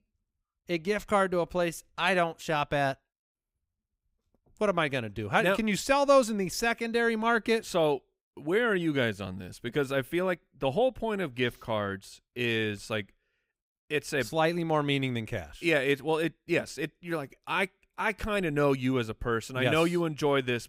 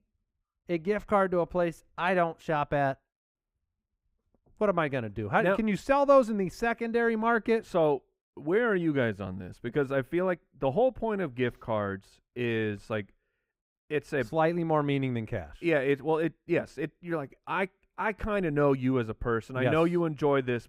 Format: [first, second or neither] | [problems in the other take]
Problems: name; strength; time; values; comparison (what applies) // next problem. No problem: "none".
first | muffled; slightly; fading above 2.5 kHz